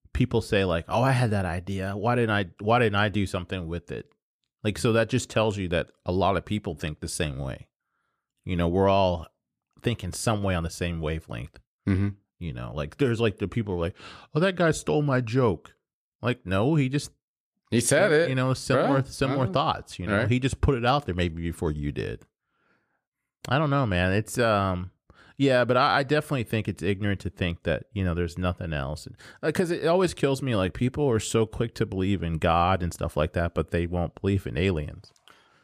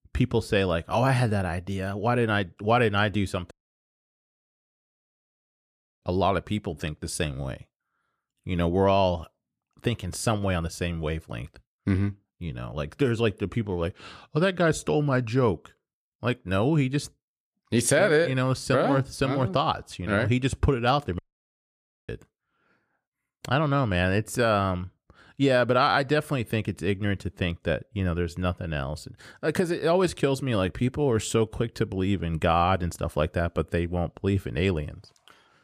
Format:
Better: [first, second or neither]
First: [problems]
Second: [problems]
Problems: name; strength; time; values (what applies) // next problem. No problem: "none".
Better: first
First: none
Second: audio cutting out; at 3.5 s for 2.5 s and at 21 s for 1 s